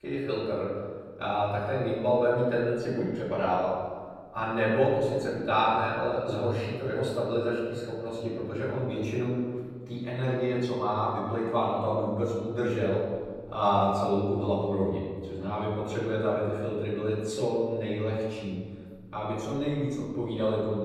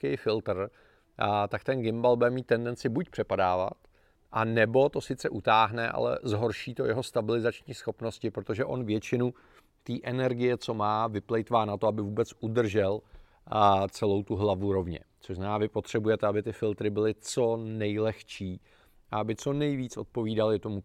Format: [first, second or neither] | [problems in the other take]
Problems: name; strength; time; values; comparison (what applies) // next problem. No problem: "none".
second | off-mic speech; far // room echo; noticeable; dies away in 1.5 s